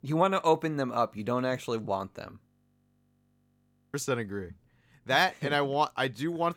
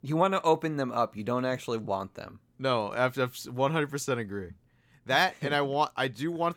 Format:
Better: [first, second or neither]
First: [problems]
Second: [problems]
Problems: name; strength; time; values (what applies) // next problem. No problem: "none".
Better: second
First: audio freezing; at 2.5 s for 1.5 s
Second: none